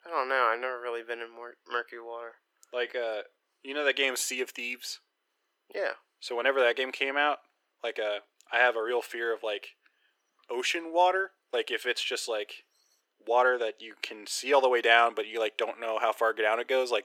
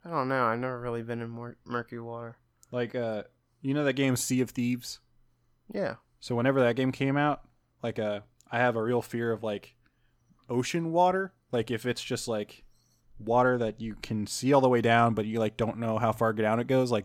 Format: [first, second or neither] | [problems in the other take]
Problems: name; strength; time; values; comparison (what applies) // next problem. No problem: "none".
second | thin; very; fading below 350 Hz